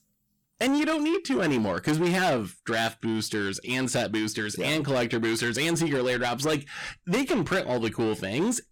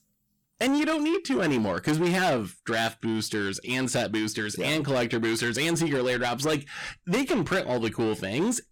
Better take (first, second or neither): neither